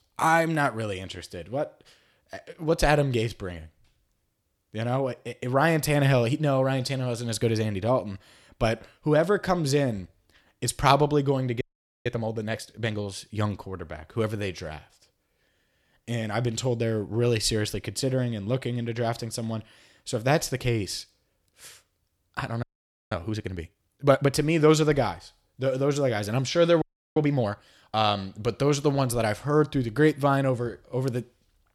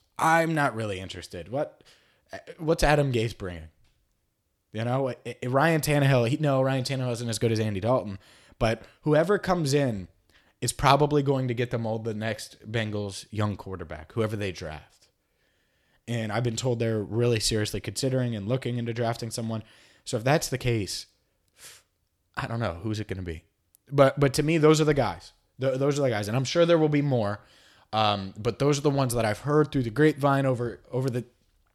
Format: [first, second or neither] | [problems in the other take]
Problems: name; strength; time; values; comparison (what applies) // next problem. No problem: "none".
second | audio freezing; at 12 s, at 23 s and at 27 s